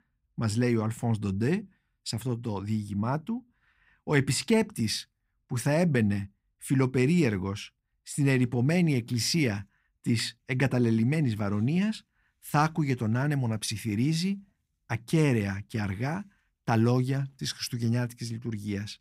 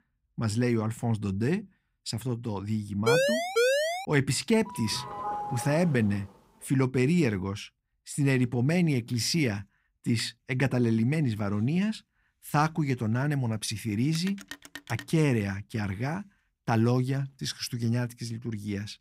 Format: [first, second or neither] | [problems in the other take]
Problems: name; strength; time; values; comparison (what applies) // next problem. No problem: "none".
first | siren; loud; at 3 s; peak 4 dB above the speech // doorbell; noticeable; from 4.5 to 6 s; peak 5 dB below the speech // phone ringing; faint; at 14 s; peak 15 dB below the speech